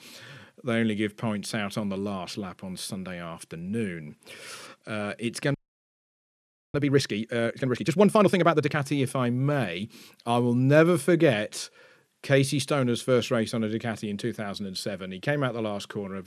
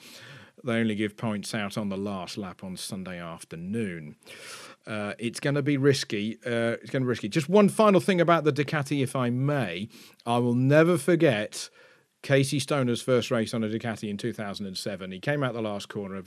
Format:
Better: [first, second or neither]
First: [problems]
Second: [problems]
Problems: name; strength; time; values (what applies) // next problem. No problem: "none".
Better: second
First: audio freezing; at 5.5 s for 1 s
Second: none